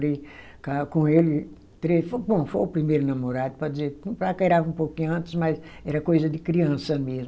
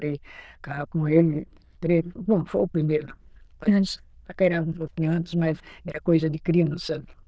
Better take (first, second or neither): first